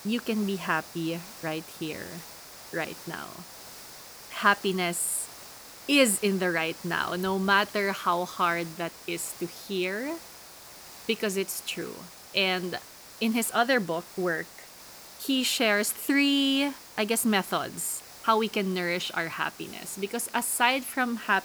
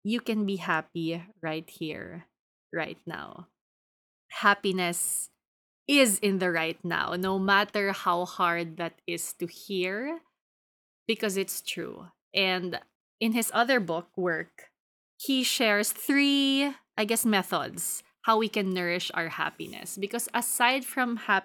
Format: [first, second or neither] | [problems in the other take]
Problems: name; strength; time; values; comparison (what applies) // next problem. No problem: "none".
second | hiss; noticeable; throughout; 15 dB below the speech